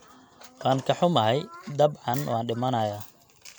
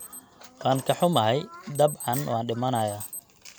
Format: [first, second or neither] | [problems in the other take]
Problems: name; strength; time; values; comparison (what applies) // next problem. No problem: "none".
first | background sound (Alarm); 17 dB below the speech